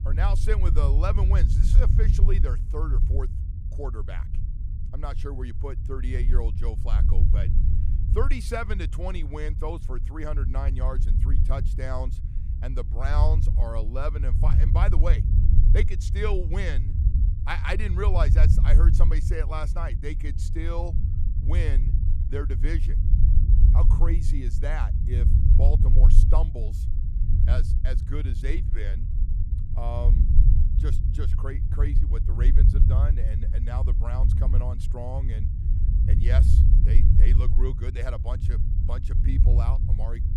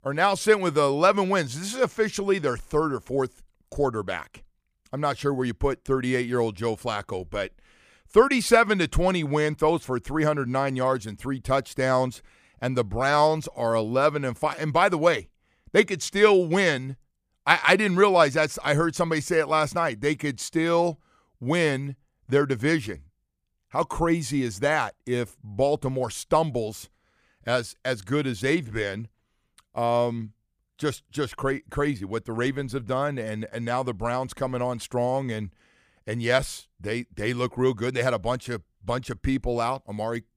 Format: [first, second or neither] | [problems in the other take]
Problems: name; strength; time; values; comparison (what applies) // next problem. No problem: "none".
second | low rumble; loud; throughout; 6 dB below the speech